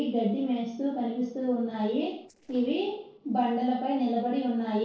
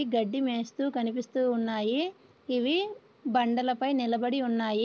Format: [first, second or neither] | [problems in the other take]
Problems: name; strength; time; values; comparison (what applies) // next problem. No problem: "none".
second | noise reduction (neural separator model SepFormer DNS4)